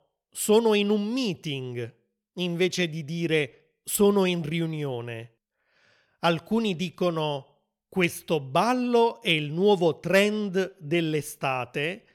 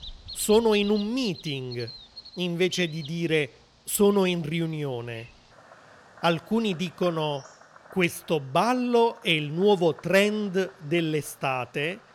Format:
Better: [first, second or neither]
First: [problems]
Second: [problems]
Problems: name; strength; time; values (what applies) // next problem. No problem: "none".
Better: first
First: none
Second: animal sounds; noticeable; throughout; 20 dB below the speech